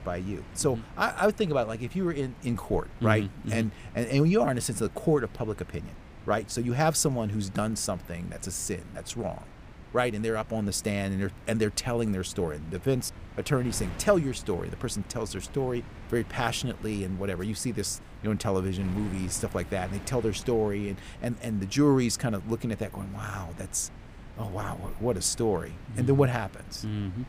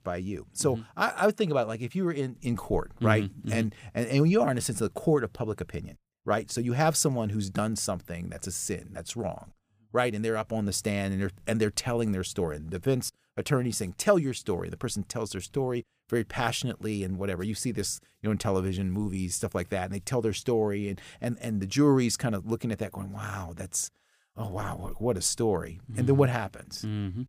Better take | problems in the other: second | wind noise on the microphone; occasional gusts; 20 dB below the speech

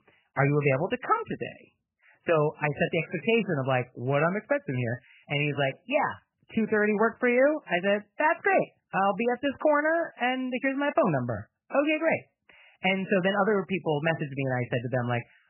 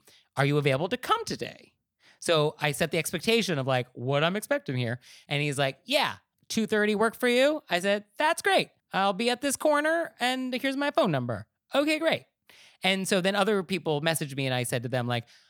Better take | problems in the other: second | garbled, watery; badly; nothing above 3 kHz

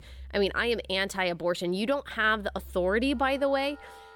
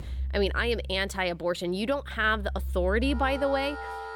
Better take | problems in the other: first | background music; loud; throughout; 8 dB below the speech; faint in the first

